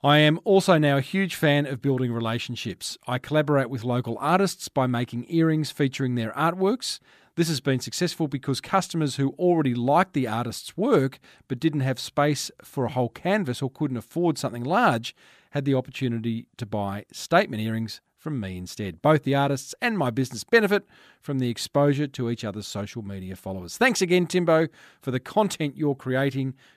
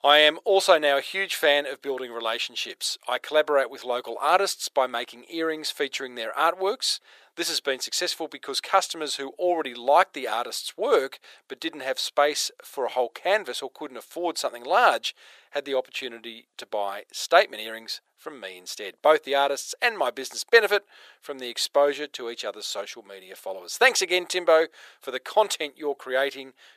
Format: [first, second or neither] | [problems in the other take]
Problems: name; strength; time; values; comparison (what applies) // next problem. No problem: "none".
first | thin; very; fading below 450 Hz